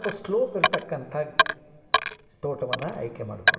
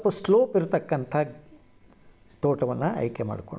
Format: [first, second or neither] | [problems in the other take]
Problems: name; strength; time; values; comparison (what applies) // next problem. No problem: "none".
second | background sound (Coin (dropping)); 3 dB above the speech // room echo; dies away in 2.6 s